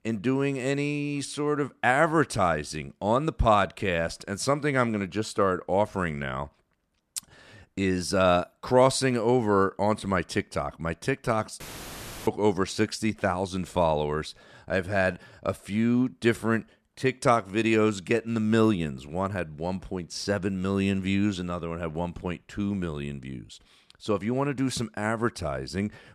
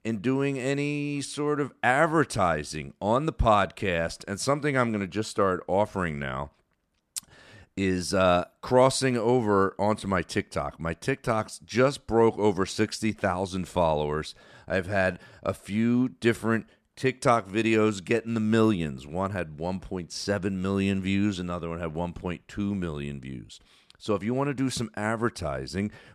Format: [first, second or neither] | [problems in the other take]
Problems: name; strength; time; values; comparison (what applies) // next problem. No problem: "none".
second | audio cutting out; filled with static; at 12 s for 0.5 s